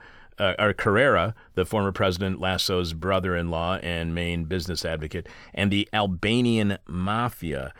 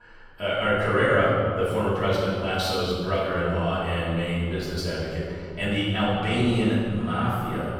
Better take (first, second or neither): first